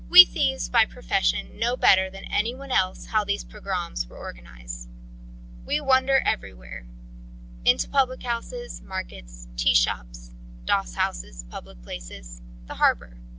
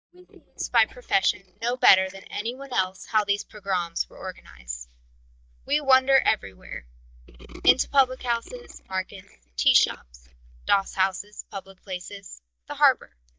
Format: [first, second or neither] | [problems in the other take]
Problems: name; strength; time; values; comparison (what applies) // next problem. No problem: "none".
first | noise reduction (neural mask model DeepFilterNet 3)